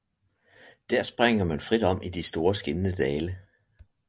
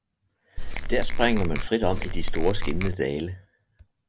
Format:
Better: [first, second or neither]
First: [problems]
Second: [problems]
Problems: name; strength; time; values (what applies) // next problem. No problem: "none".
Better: first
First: none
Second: background sound (Squeak / Tools); 5 dB above the speech